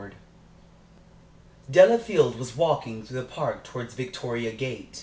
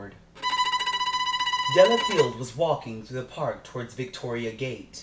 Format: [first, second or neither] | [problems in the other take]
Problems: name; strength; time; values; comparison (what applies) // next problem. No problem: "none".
first | background sound (Bowed string instrument); as loud as the speech